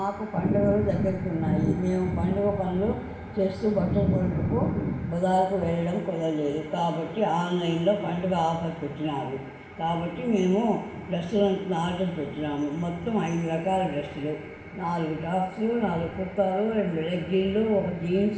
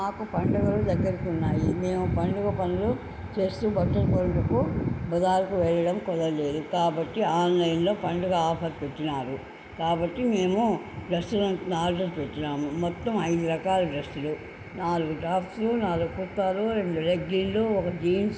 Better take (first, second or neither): second